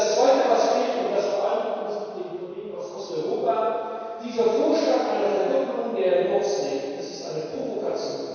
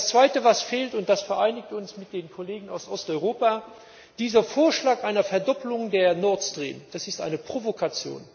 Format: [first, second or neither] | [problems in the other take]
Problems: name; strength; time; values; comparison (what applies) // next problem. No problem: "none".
second | room echo; dies away in 2.2 s